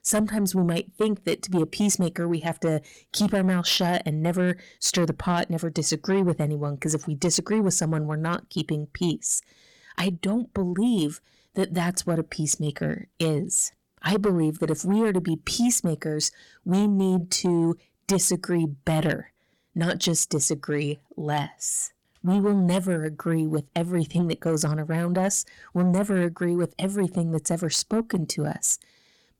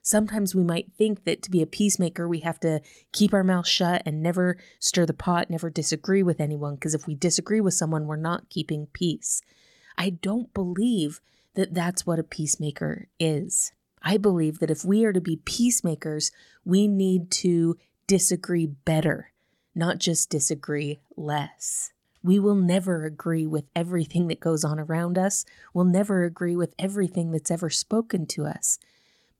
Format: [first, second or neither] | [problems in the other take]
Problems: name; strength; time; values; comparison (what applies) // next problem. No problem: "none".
second | distortion; slight; 10 dB below the speech